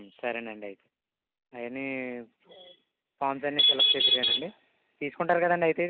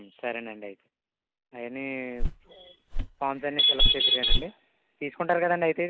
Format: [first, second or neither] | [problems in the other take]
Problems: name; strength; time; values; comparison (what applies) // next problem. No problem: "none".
first | background sound (Walk, footsteps); 1 dB below the speech